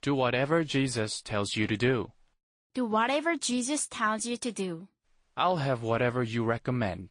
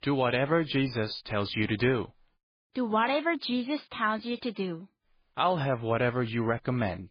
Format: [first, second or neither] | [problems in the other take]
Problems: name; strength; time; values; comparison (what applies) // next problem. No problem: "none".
first | garbled, watery; badly; nothing above 5 kHz; slightly in the first